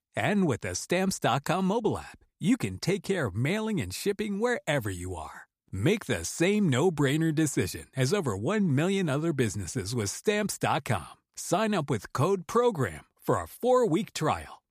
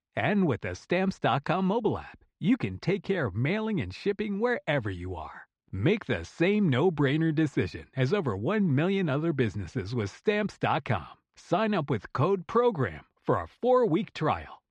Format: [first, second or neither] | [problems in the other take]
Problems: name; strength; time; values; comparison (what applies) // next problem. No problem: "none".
first | muffled; slightly; fading above 3.5 kHz